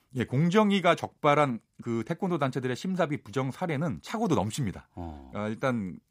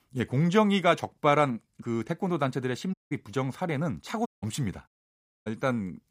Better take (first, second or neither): first